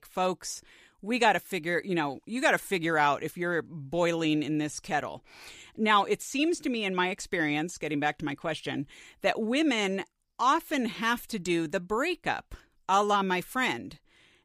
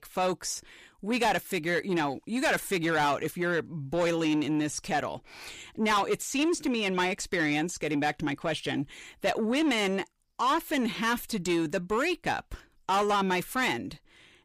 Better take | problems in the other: first | distortion; slight; 10 dB below the speech

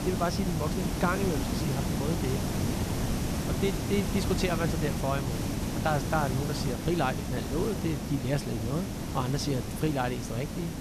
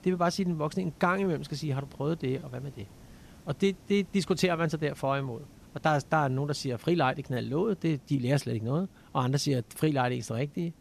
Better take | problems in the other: second | hiss; loud; throughout; 1 dB below the speech; faint in the second

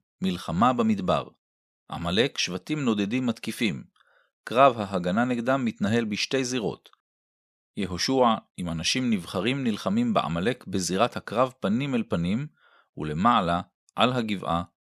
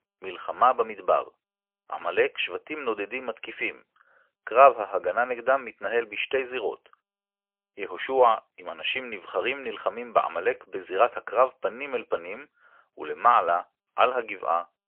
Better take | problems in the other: first | phone-call audio; poor line; nothing above 3 kHz

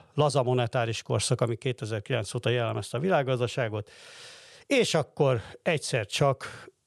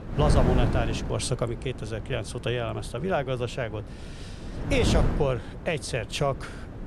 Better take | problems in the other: first | wind noise on the microphone; heavy; 7 dB below the speech

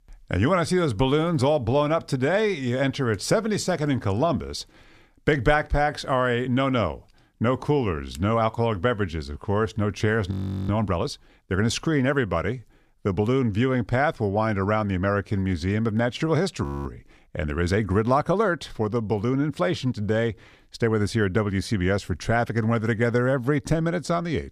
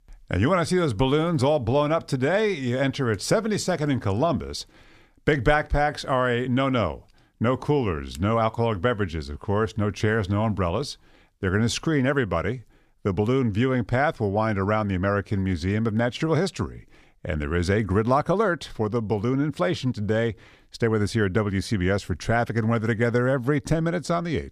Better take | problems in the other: second | audio freezing; at 10 s and at 17 s

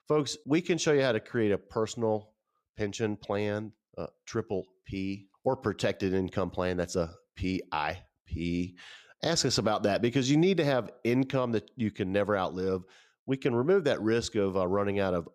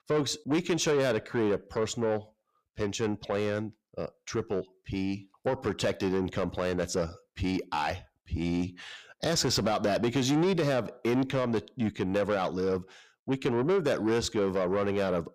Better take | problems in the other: first | distortion; slight; 10 dB below the speech

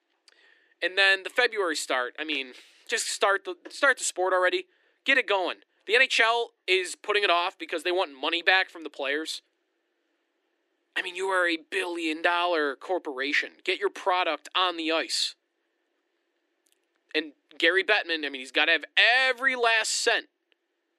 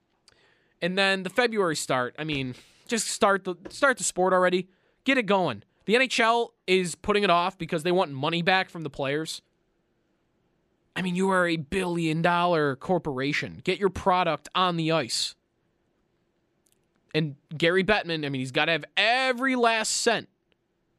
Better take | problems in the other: second | thin; very; fading below 300 Hz

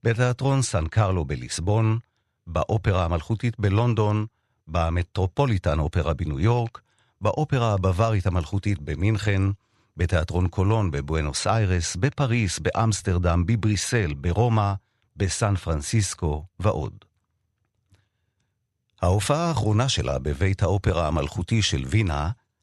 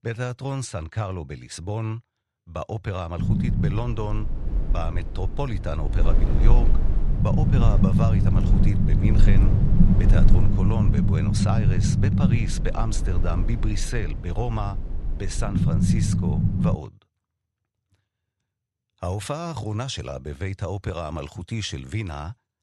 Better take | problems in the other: first | low rumble; loud; from 3 to 17 s; as loud as the speech

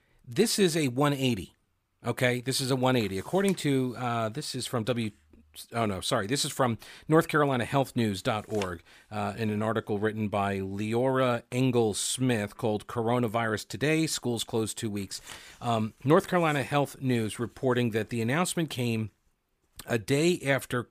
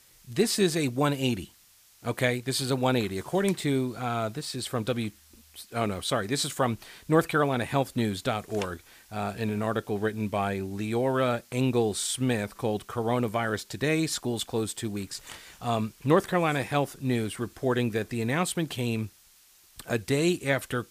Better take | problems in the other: first | hiss; faint; throughout; 25 dB below the speech

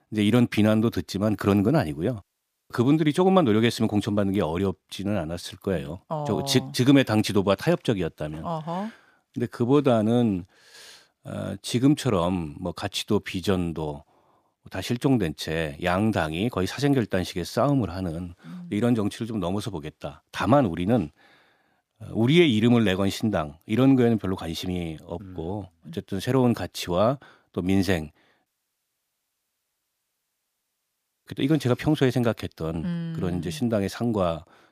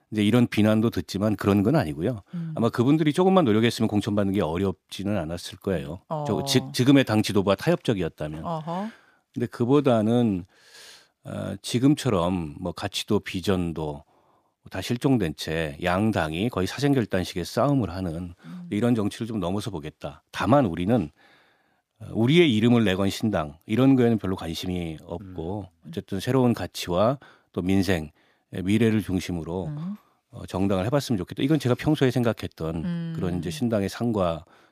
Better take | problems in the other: second | audio cutting out; at 2 s and at 28 s for 3 s

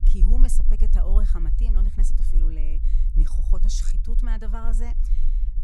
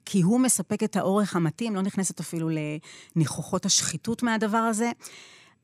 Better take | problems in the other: second | low rumble; loud; throughout; 8 dB below the speech

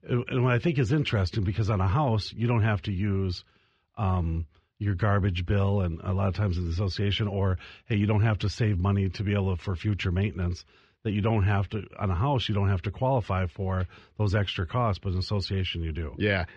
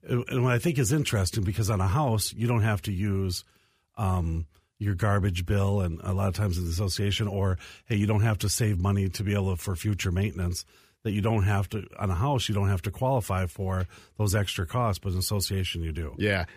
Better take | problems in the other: second | muffled; very slightly; fading above 4.5 kHz

